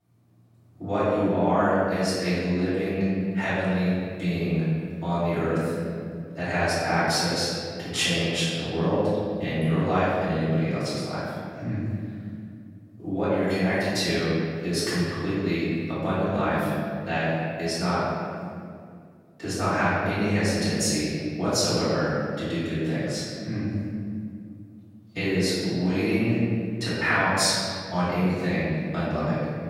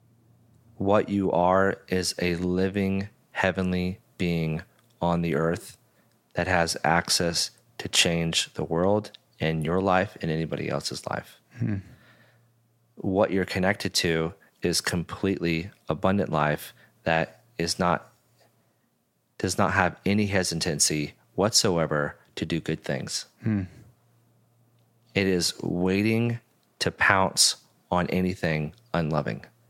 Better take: second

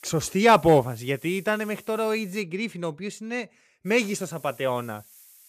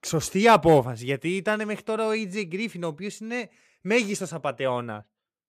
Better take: second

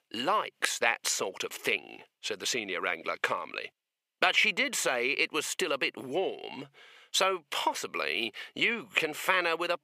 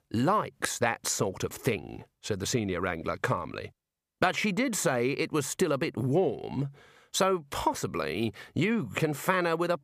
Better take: second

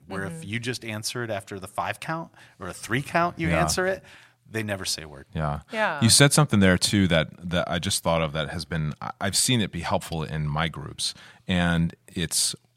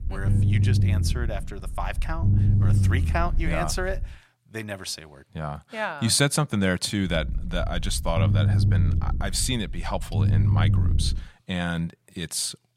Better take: first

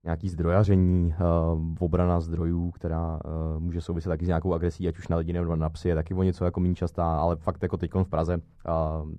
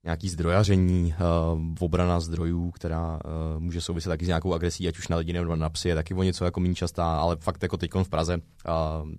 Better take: second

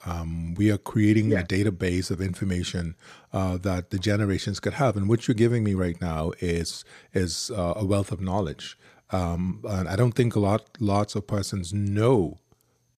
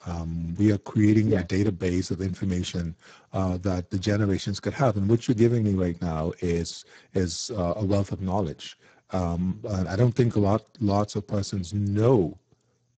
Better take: first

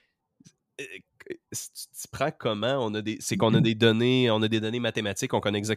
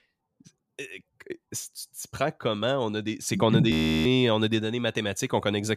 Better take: first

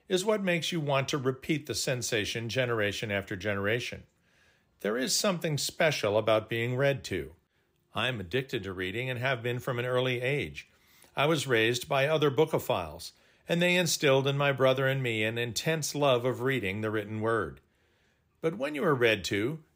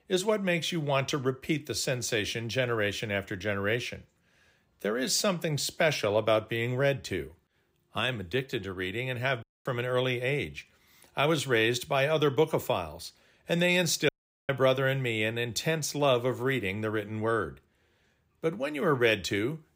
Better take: first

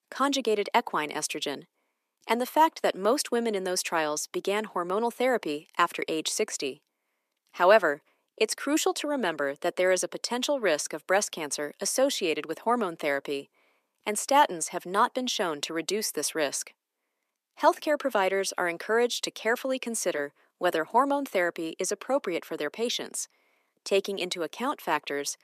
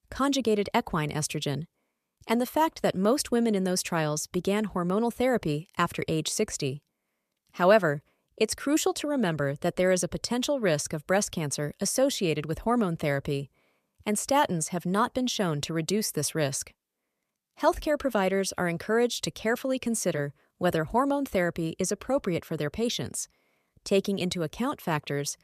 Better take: second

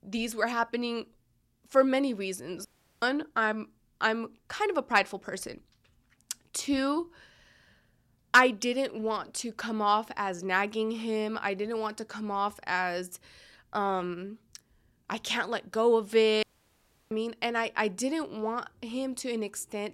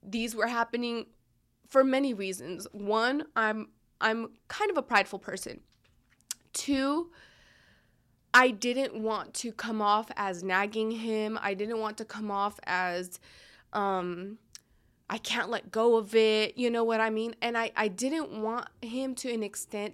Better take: second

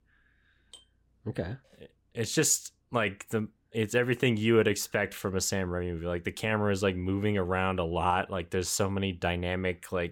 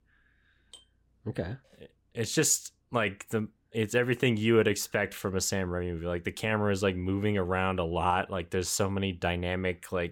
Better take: neither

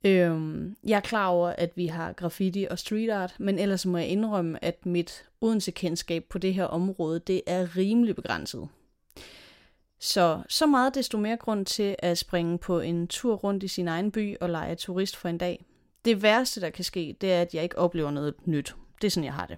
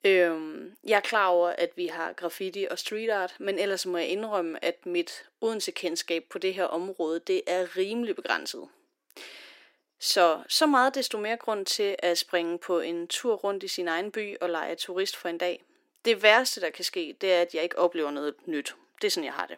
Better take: first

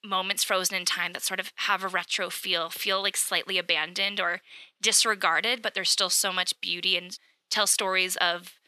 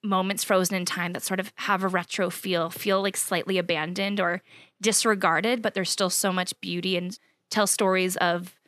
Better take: second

